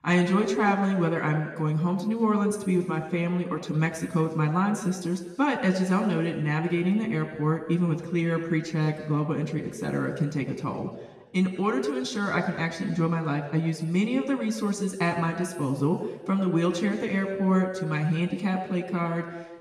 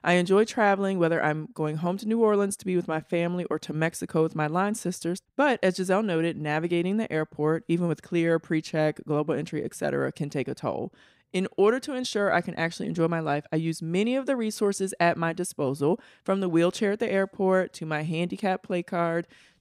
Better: second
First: room echo; noticeable; dies away in 1.3 s // off-mic speech; somewhat distant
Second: none

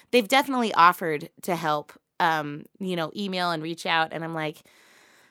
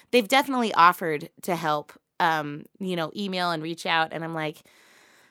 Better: neither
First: none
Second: none

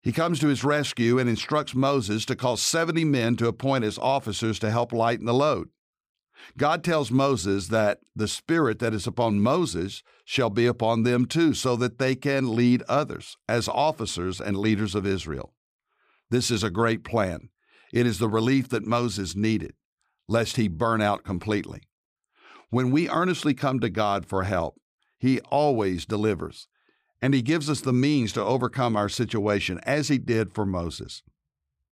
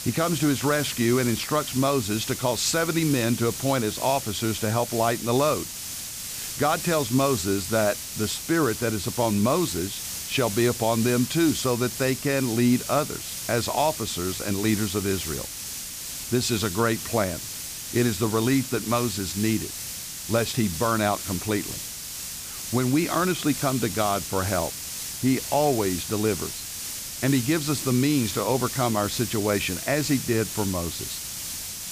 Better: first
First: none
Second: hiss; loud; throughout; 6 dB below the speech

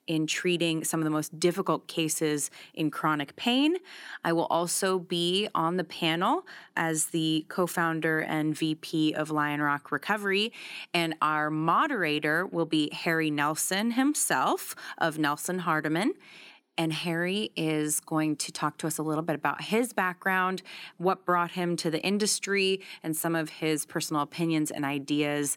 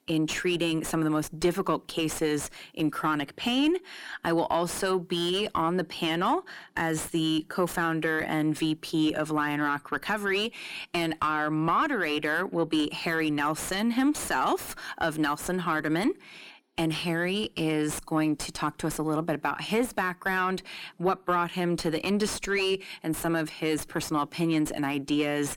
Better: first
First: none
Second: distortion; slight; 9 dB below the speech

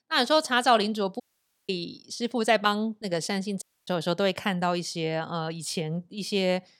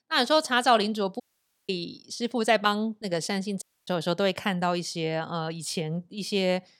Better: neither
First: audio cutting out; at 1 s and at 3.5 s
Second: audio cutting out; at 1 s and at 3.5 s

